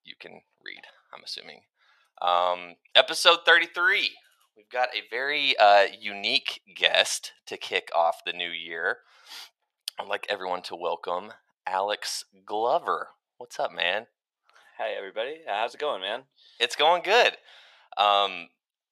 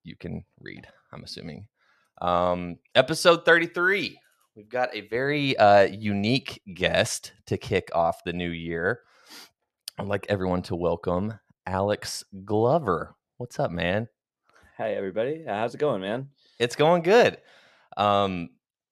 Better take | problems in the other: second | thin; very; fading below 650 Hz

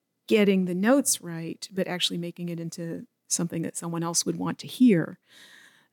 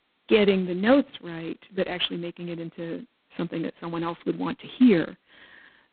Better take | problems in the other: first | phone-call audio; poor line

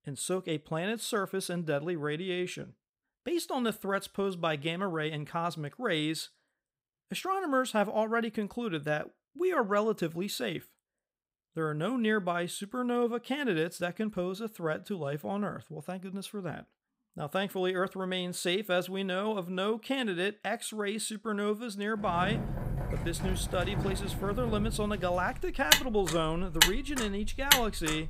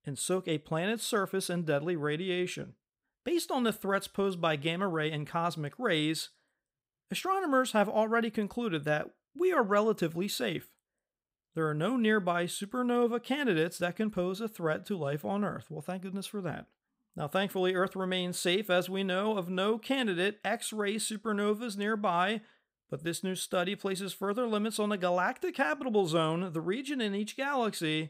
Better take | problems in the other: second | traffic noise; very loud; from 22 s on; 2 dB above the speech

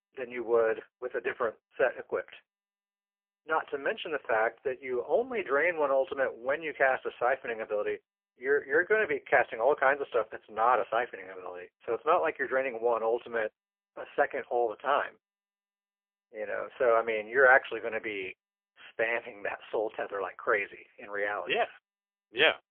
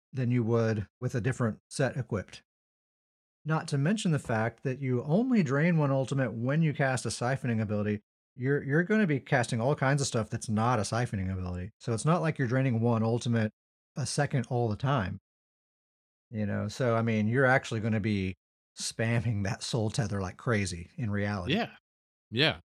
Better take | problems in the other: second | phone-call audio; poor line; nothing above 3.5 kHz

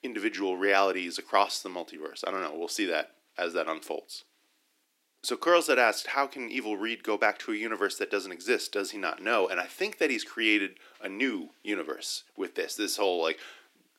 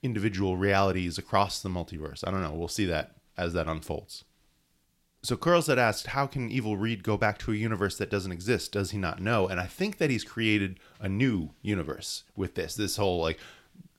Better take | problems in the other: second | thin; somewhat; fading below 300 Hz

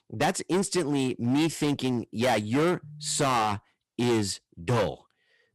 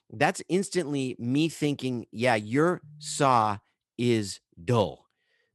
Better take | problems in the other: second | distortion; heavy; 13% of the sound clipped

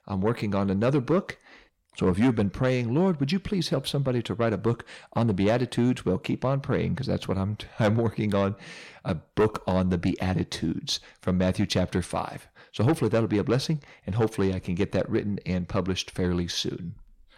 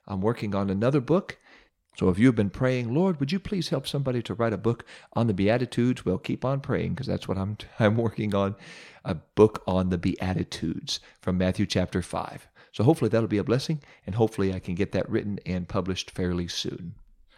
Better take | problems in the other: second | distortion; slight; 10 dB below the speech

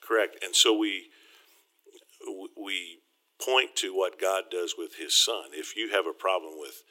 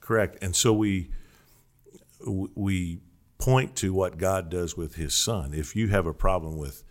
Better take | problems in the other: second | thin; very; fading below 300 Hz

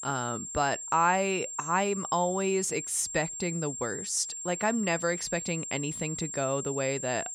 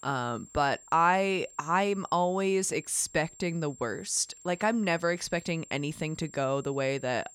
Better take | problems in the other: second | high-pitched whine; loud; throughout; 7.5 kHz, 6 dB below the speech; faint in the second

